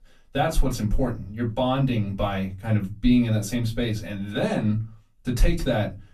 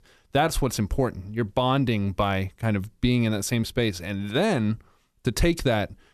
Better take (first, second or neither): second